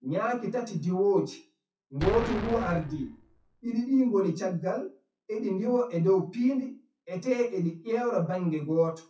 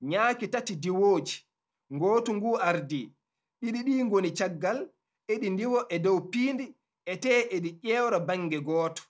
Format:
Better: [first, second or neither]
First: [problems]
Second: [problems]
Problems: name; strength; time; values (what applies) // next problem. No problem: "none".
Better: second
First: noise reduction (classical method WPE with log-MMSE)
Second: none